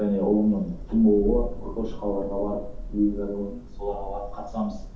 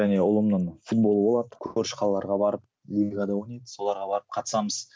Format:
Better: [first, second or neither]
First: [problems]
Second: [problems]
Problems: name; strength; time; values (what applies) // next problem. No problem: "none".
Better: second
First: background sound (Thunder / Rain); 8 dB below the speech // room echo; dies away in 0.5 s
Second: none